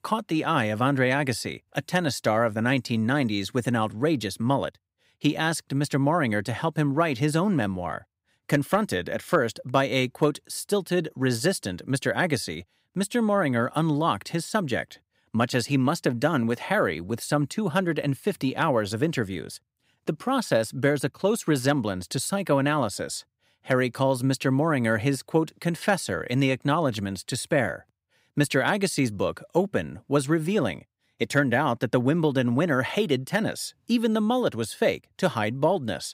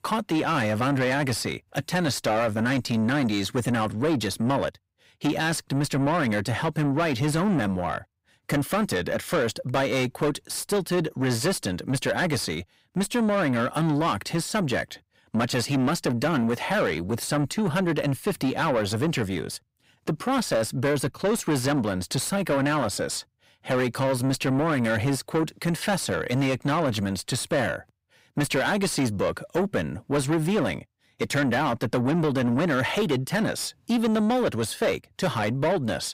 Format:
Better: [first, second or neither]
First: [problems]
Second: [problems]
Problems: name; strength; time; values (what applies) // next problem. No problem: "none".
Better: first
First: none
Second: distortion; heavy; 8 dB below the speech